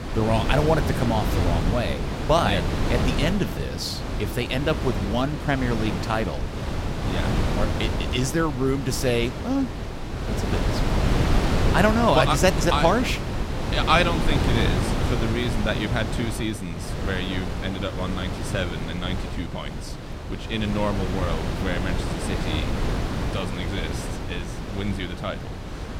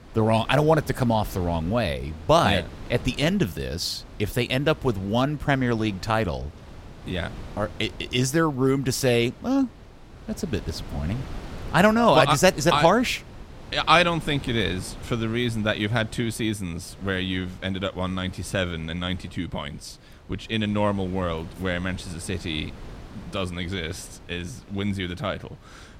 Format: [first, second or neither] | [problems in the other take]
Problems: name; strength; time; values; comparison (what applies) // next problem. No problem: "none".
second | wind noise on the microphone; heavy; 5 dB below the speech; occasional gusts in the second